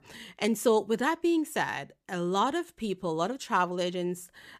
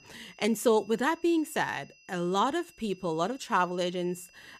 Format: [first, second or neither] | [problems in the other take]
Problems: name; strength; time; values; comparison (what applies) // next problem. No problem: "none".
first | high-pitched whine; faint; throughout; 2.5 kHz, 25 dB below the speech